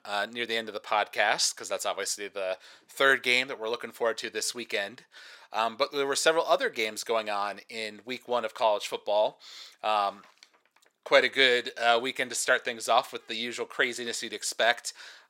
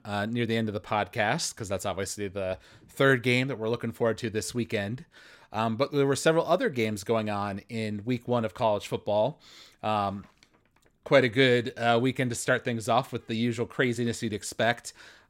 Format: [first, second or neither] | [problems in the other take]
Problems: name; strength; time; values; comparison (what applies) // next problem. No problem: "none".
second | thin; very; fading below 600 Hz